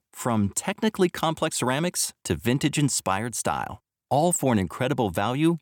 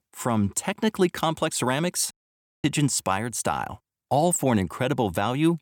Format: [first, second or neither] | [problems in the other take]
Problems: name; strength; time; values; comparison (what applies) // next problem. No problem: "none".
first | audio cutting out; at 2 s for 0.5 s